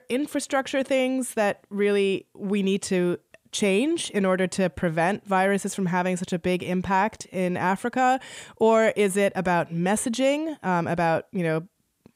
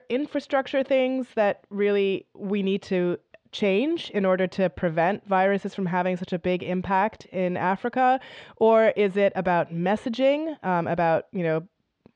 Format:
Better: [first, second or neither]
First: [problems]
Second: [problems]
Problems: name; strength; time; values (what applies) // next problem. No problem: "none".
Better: first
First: none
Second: muffled; slightly; fading above 4.5 kHz